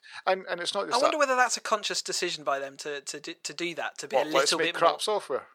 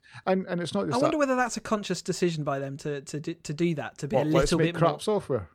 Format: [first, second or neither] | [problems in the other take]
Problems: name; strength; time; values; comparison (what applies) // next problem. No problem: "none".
second | thin; very; fading below 650 Hz